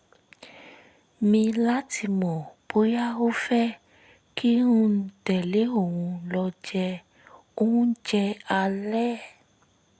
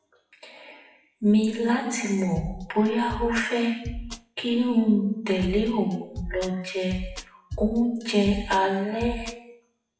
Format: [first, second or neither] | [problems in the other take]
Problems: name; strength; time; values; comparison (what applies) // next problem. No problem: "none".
first | noise reduction (classical method WPE with log-MMSE)